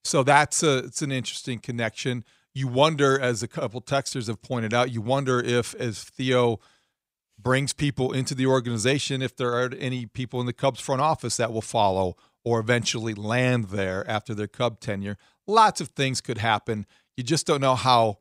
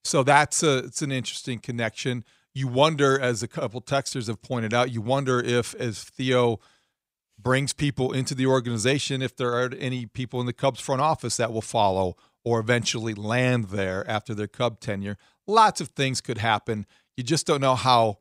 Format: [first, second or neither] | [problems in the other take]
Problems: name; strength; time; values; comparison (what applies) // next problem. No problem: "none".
neither | none